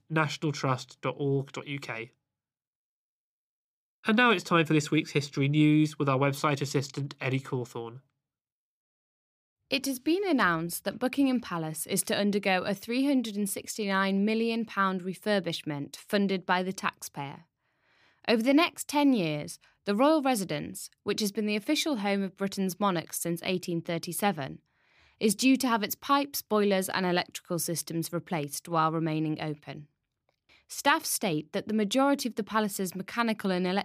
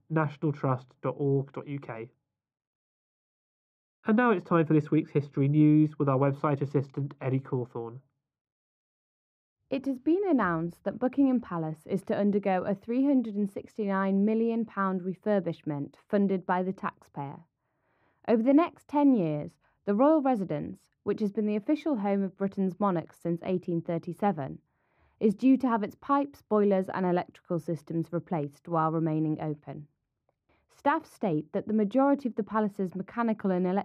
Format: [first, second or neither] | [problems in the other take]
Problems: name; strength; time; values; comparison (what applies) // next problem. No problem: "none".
first | muffled; very; fading above 2.5 kHz